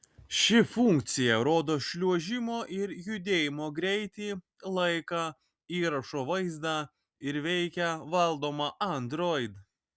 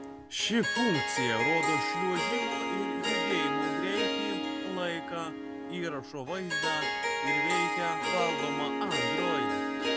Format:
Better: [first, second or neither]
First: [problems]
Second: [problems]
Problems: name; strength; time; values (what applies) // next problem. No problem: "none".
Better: first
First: none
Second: background sound (Harp); 4 dB above the speech